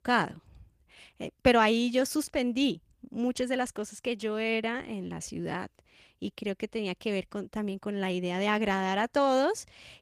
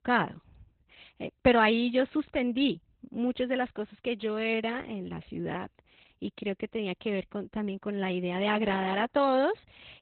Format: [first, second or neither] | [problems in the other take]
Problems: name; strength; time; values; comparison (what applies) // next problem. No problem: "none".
first | garbled, watery; badly; nothing above 4 kHz; slightly in the first